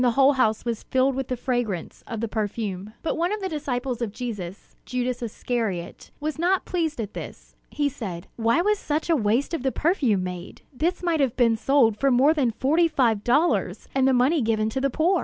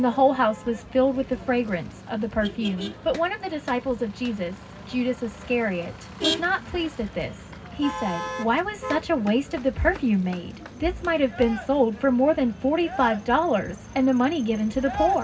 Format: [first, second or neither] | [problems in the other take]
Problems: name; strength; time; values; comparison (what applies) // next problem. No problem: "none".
first | background sound (Motor vehicle (road)); 12 dB below the speech // room echo; dies away in 0.4 s